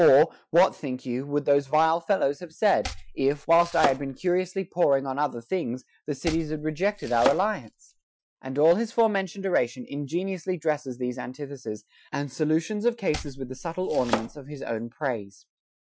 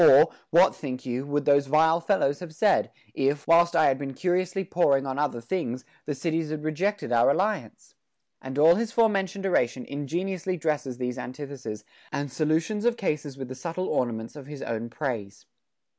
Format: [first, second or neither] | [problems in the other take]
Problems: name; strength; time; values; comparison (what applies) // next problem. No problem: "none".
second | noise reduction (classical method Wiener filter)